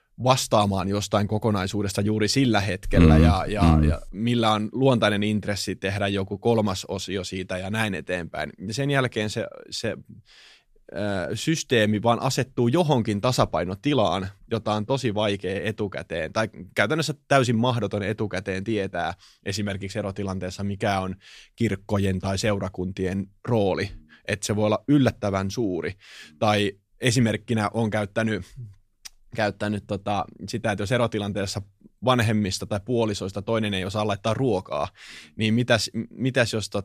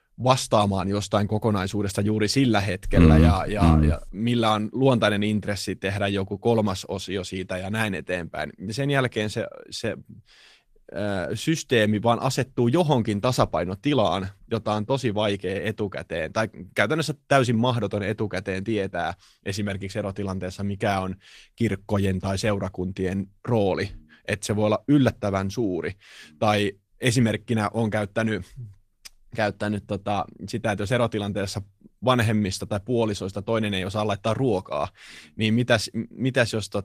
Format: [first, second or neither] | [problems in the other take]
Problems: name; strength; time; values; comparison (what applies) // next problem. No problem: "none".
first | garbled, watery; slightly; nothing above 14.5 kHz